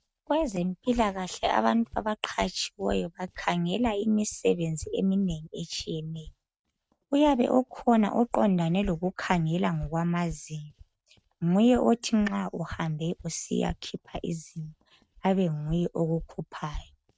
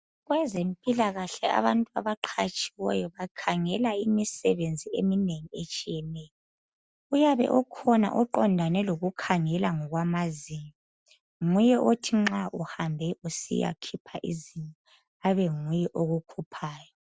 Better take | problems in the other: second | noise reduction (neural mask model RNNoise)

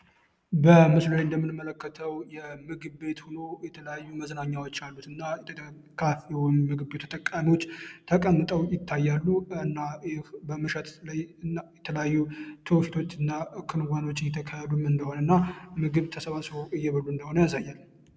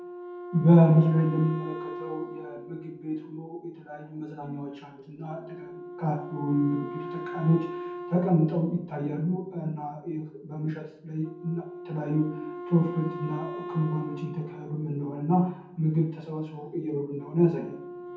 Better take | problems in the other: first | background sound (Wind instrument, woodwind instrument); 12 dB below the speech // room echo; dies away in 0.6 s

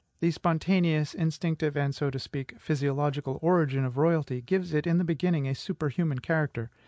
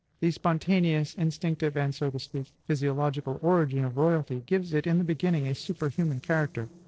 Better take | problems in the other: first | noise reduction (neural separator model SepFormer DNS4)

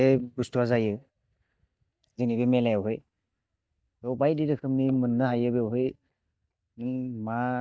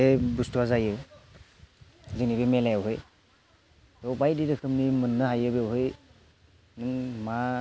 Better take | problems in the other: second | noise reduction (neural mask model DeepFilterNet 3)

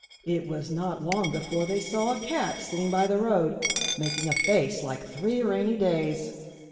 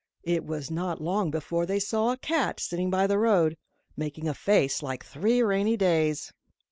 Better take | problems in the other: second | background sound (Coin (dropping)); 9 dB below the speech // room echo; dies away in 1.7 s

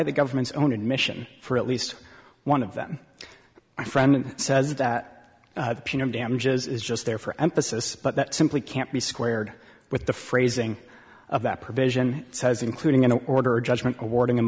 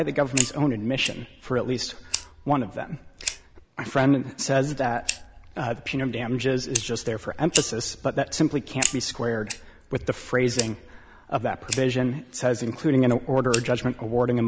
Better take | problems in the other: first | background sound (Fire); 10 dB below the speech

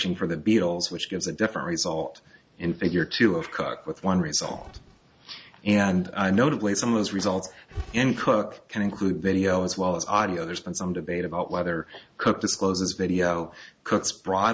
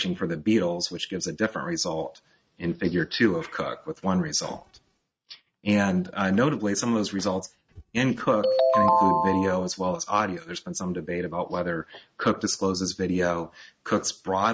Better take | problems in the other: first | noise reduction (neural mask model RNNoise)

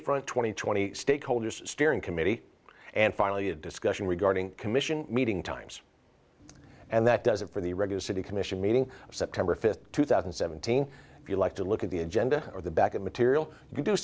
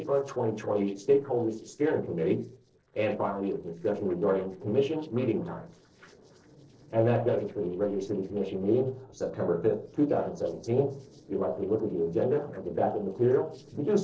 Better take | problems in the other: first | noise reduction (neural separator model SepFormer DNS4)

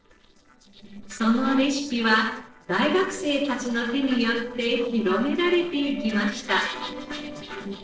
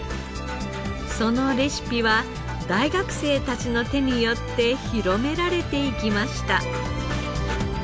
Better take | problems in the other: second | noise reduction (neural separator model SepFormer DNS4)

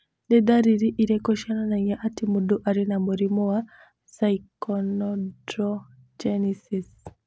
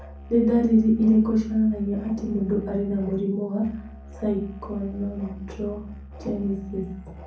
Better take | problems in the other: first | background sound (Musical instrument); 16 dB below the speech // room echo; dies away in 0.6 s

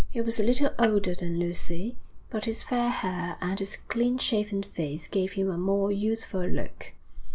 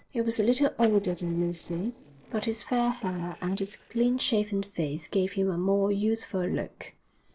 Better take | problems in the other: first | noise reduction (neural separator model SepFormer DNS4)

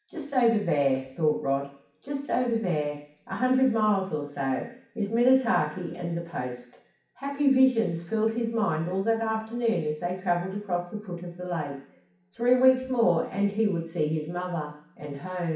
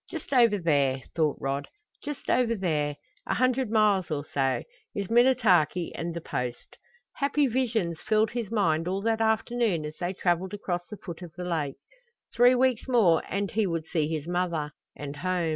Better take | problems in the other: second | room echo; dies away in 0.6 s

